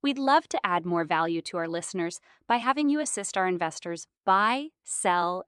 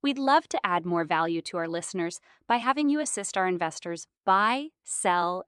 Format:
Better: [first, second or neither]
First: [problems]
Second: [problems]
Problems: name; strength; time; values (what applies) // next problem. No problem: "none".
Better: neither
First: none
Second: none